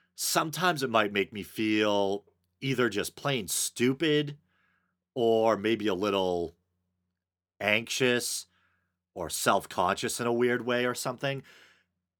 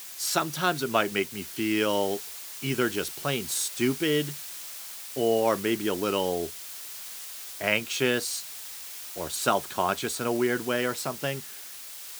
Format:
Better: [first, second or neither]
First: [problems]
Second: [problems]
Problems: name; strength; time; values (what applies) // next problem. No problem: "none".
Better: first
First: none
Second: hiss; loud; throughout; 10 dB below the speech